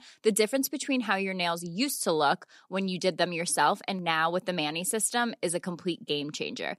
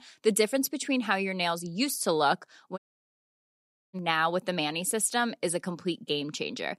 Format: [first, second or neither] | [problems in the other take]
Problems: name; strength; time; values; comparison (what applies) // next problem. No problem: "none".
first | audio cutting out; at 3 s for 1 s